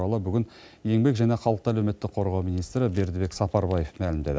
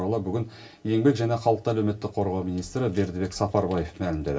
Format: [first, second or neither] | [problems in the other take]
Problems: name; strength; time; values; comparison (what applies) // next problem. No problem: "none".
first | room echo; dies away in 0.2 s